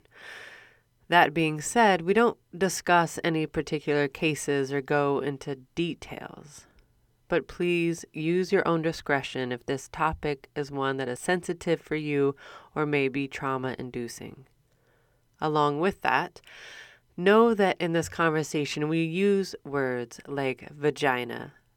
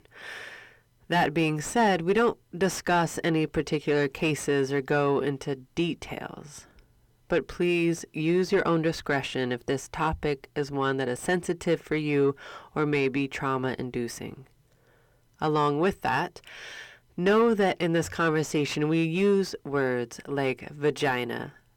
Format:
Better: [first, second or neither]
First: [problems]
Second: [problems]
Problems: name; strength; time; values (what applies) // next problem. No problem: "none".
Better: first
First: none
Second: distortion; slight; 10 dB below the speech